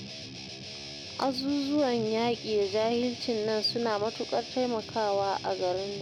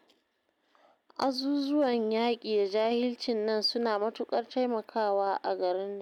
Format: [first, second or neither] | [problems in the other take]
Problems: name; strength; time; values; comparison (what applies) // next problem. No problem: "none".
second | background sound (Guitar); 11 dB below the speech